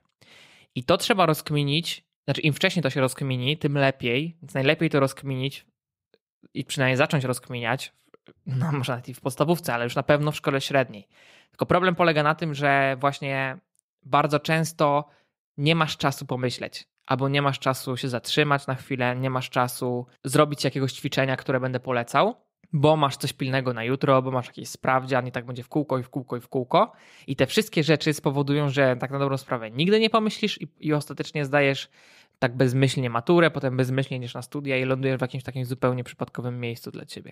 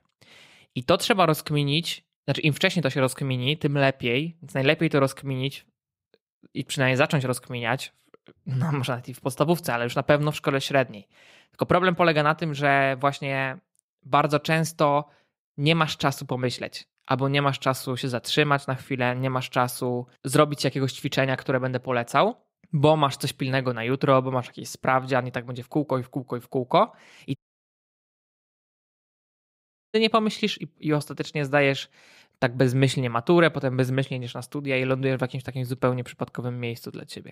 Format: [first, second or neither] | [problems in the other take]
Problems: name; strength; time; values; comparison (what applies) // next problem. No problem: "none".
first | audio cutting out; at 27 s for 2.5 s